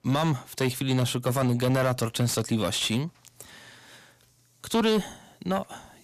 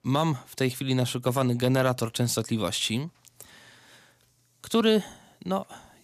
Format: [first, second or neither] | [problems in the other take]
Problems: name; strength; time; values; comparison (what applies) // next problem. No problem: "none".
second | distortion; slight; 10 dB below the speech